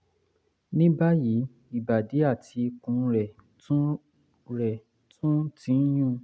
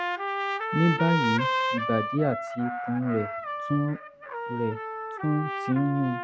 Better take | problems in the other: first | background sound (Trumpet); 3 dB below the speech

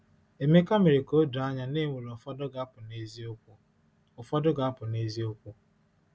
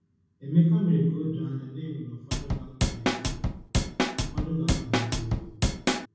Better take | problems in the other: first | background sound (Drum / Drum kit); 1 dB above the speech // room echo; dies away in 1.1 s

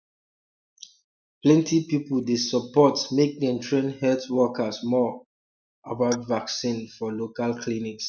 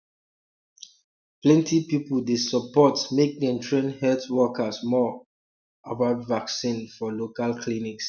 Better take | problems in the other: second | noise reduction (neural mask model Resemble Enhance denoiser)

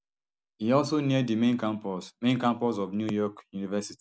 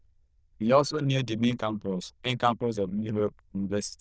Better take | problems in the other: first | noise reduction (neural diffusion model UNIVERSE++)

